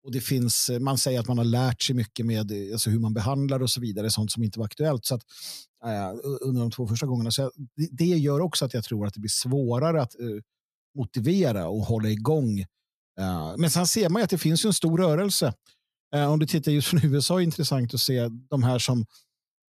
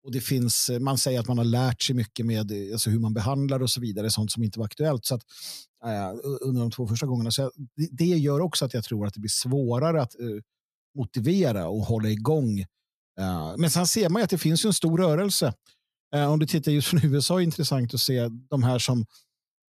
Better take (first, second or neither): neither